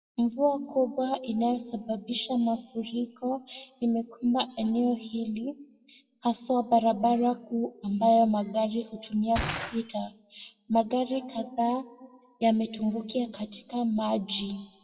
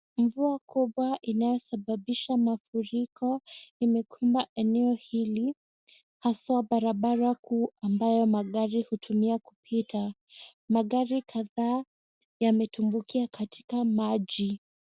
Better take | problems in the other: second | noise reduction (classical method WPE with log-MMSE)

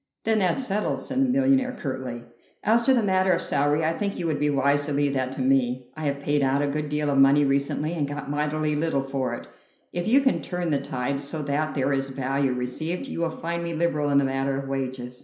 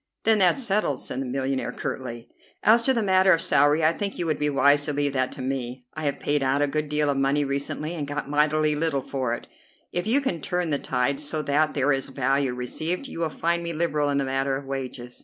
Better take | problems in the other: second | room echo; dies away in 0.5 s

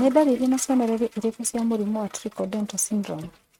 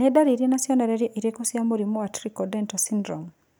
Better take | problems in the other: second | noise reduction (neural mask model RNNoise)

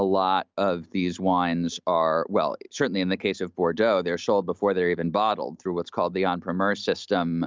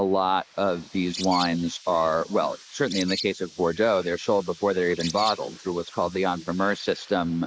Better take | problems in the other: first | noise reduction (neural mask model Resemble Enhance denoiser)

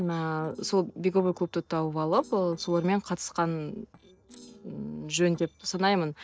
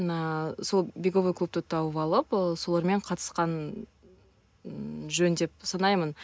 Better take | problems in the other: second | noise reduction (neural separator model SepFormer DNS4)

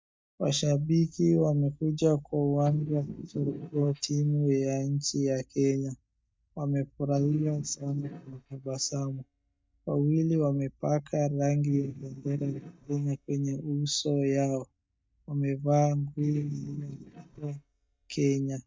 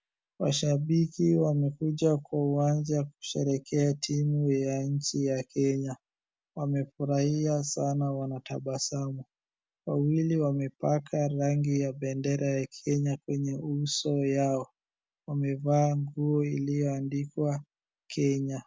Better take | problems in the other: second | noise reduction (neural mask model DeepFilterNet 3)

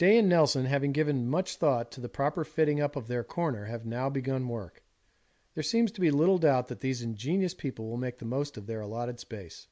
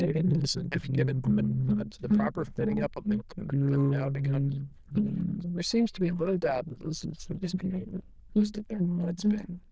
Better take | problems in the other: first | noise reduction (neural diffusion model UNIVERSE++)

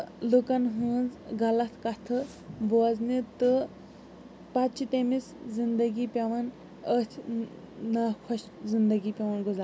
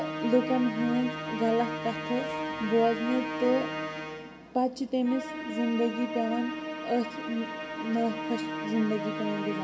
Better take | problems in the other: first | background sound (Musical instrument); 5 dB below the speech // room echo; dies away in 0.7 s

